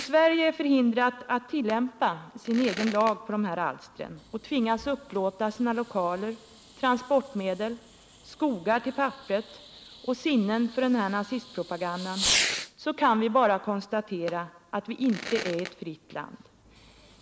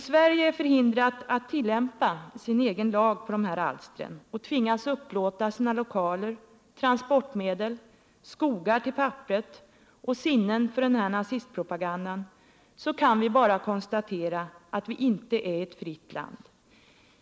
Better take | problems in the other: second | background sound (Fireworks); 11 dB below the speech

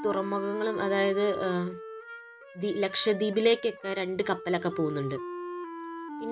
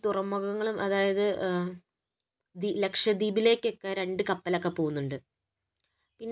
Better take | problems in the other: second | background sound (Wind instrument, woodwind instrument); 10 dB below the speech

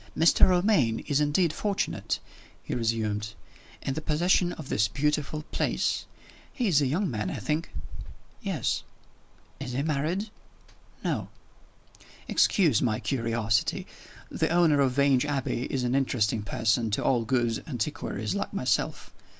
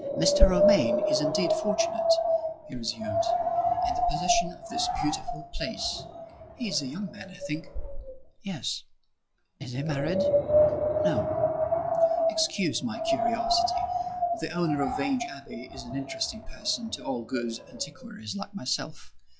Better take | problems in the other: first | noise reduction (classical method log-MMSE)

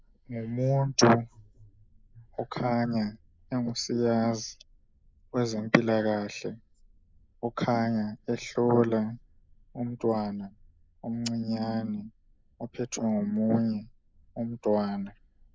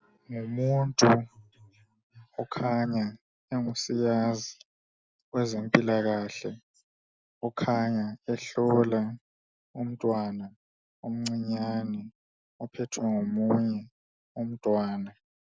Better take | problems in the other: second | noise reduction (neural mask model Resemble Enhance denoiser)

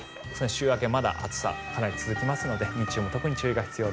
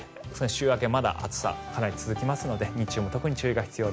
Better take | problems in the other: second | background sound (Motor vehicle (road) / Siren); 11 dB below the speech

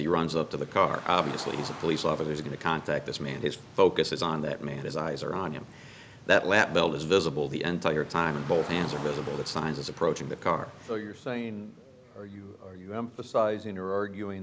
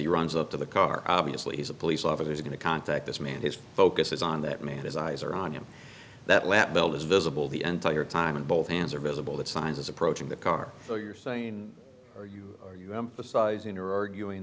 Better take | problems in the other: second | background sound (Car); 18 dB below the speech

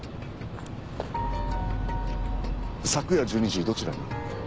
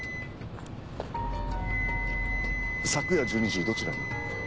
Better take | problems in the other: first | background sound (Wind instrument, woodwind instrument); 4 dB below the speech

